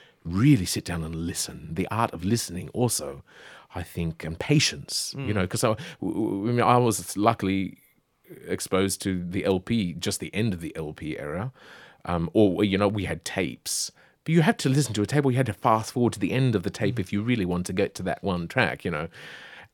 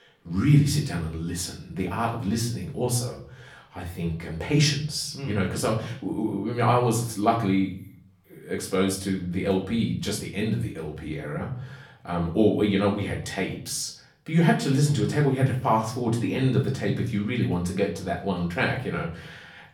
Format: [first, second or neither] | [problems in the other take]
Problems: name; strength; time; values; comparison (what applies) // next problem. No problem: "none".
first | off-mic speech; far // room echo; slight; dies away in 0.5 s